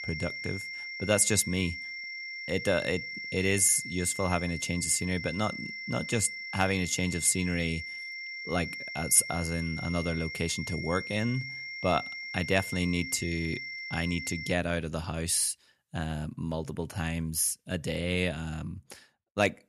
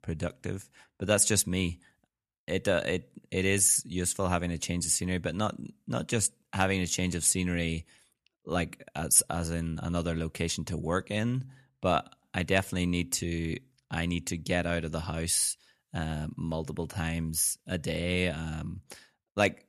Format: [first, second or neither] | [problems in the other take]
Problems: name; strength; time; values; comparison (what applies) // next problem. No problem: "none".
second | high-pitched whine; loud; until 15 s; 2 kHz, 7 dB below the speech